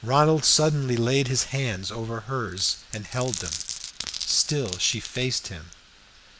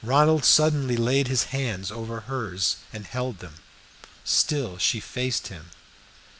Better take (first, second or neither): second